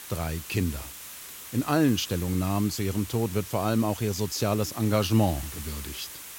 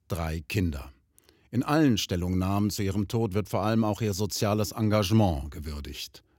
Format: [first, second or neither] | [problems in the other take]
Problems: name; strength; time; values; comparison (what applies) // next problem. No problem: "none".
second | hiss; noticeable; throughout; 10 dB below the speech